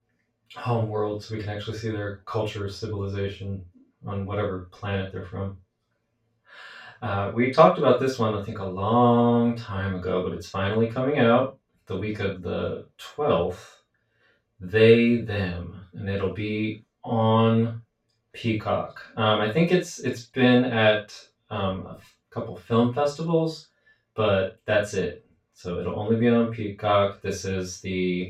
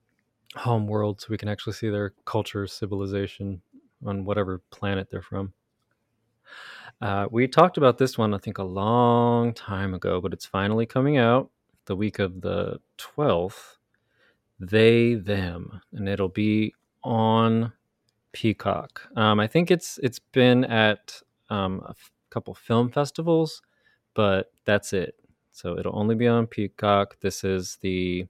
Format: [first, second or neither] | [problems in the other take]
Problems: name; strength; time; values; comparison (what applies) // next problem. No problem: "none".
second | room echo; noticeable; dies away in 0.2 s // off-mic speech; far